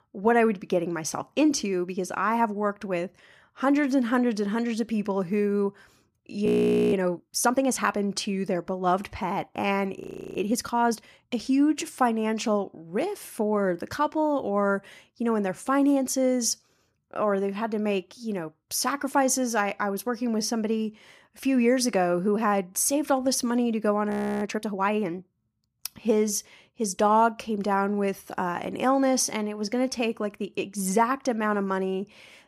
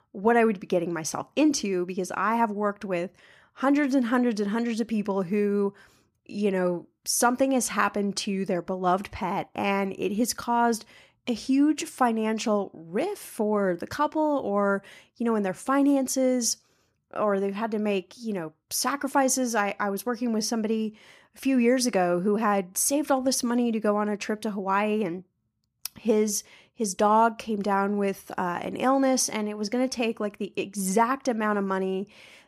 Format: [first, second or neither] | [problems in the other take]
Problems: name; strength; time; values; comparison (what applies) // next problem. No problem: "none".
second | audio freezing; at 6.5 s, at 10 s and at 24 s